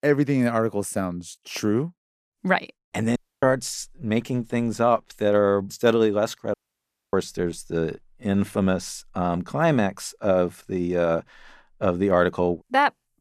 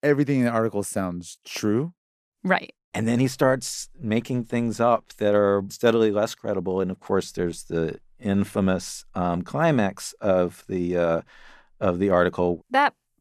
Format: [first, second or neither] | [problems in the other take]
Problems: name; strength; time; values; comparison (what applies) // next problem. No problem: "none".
second | audio cutting out; at 3 s and at 6.5 s for 0.5 s